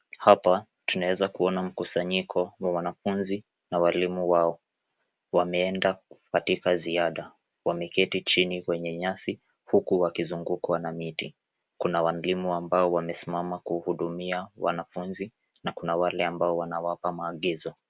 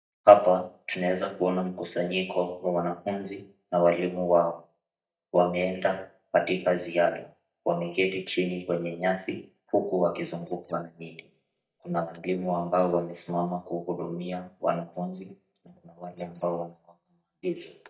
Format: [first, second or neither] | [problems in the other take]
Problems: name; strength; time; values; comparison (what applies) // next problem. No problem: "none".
first | noise reduction (neural mask model DeepFilterNet 3)